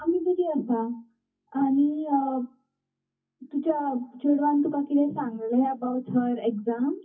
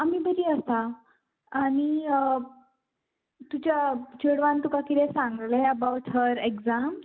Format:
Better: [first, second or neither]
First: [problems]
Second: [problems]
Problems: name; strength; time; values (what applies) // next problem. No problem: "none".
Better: second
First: noise reduction (classical method WPE with log-MMSE)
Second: none